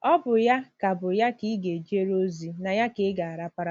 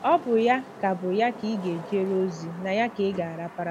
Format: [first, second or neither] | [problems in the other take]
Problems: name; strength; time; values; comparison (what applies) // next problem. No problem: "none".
first | background sound (Wind / Rain); 16 dB below the speech